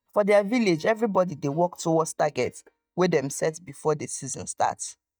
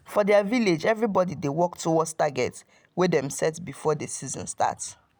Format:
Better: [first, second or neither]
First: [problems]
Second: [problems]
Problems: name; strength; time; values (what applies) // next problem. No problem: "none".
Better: second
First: noise reduction (neural mask model DeepFilterNet 3)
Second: none